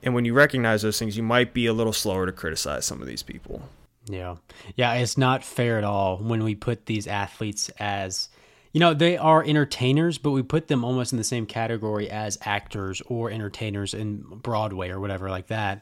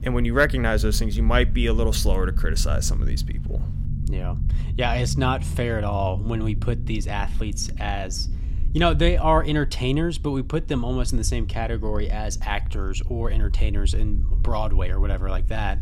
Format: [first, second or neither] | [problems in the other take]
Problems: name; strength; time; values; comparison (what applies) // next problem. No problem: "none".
first | low rumble; noticeable; throughout; 20 dB below the speech